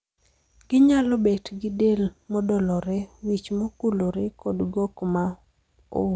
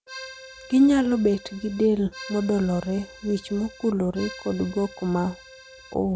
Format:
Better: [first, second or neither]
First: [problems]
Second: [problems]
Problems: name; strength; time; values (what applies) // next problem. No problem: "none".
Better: first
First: none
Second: background sound (Accordion); 18 dB below the speech